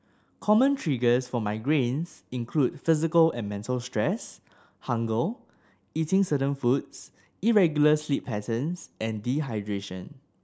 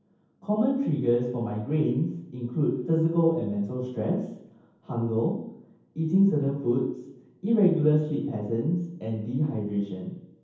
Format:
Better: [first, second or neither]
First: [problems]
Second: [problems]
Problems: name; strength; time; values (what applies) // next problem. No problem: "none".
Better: first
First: none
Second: room echo; dies away in 0.9 s